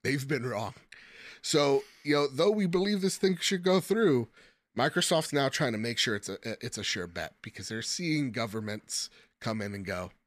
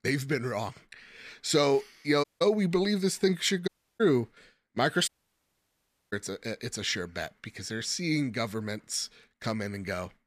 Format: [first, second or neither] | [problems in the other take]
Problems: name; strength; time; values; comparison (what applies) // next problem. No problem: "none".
first | audio cutting out; at 2 s, at 3.5 s and at 5 s for 1 s